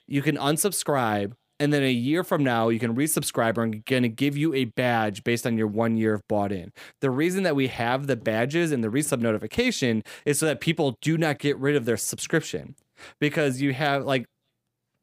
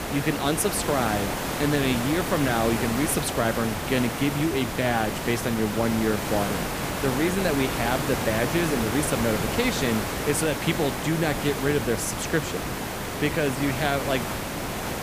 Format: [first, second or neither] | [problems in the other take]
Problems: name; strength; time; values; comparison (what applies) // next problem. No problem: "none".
first | hiss; loud; throughout; 3 dB below the speech